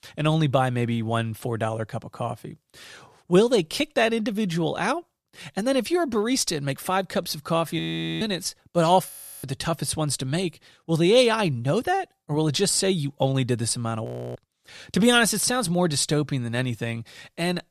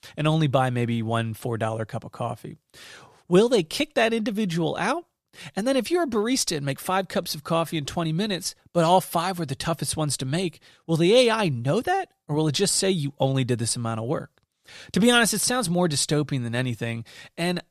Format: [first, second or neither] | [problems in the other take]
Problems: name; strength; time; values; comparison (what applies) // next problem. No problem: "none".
second | audio freezing; at 8 s, at 9 s and at 14 s